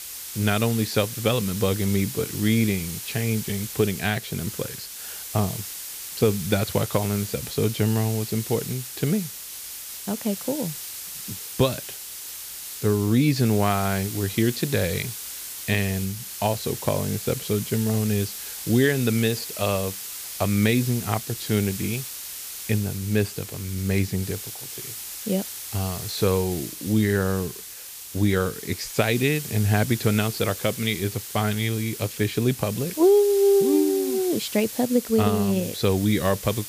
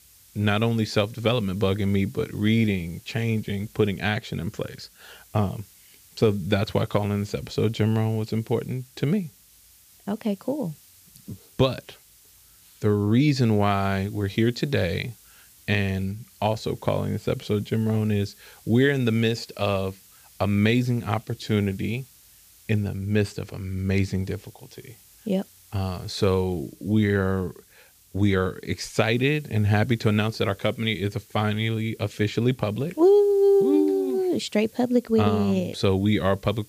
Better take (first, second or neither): second